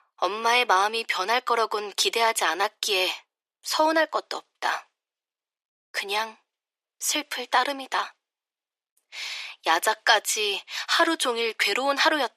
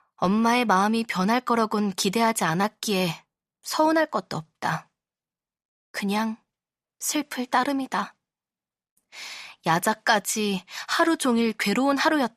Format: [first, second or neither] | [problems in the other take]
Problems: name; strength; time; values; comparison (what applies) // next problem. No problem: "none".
second | thin; very; fading below 350 Hz